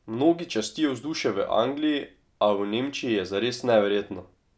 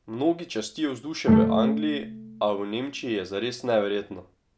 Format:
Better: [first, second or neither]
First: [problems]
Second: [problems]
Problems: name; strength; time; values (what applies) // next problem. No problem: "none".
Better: first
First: none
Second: background sound (Bowed string instrument); 2 dB above the speech